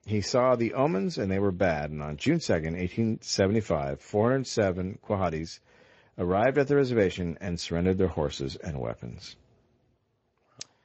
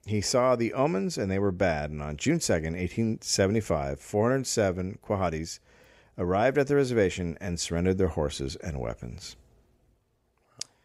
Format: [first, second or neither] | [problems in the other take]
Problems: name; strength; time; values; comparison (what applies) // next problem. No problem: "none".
second | garbled, watery; slightly; nothing above 7 kHz